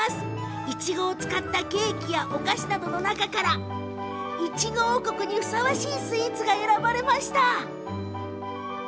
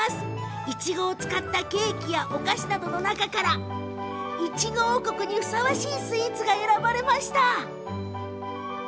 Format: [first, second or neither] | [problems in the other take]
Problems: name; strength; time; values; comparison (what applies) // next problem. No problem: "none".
second | background sound (Bowed string instrument); 16 dB below the speech